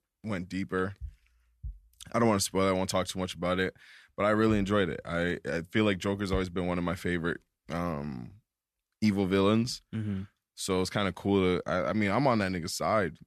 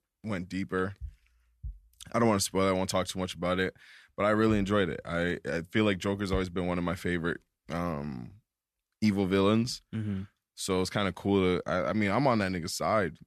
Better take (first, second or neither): neither